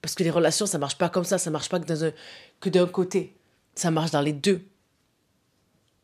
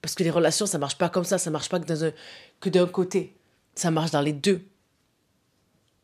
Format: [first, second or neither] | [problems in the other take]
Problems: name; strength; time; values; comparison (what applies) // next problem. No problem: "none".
neither | none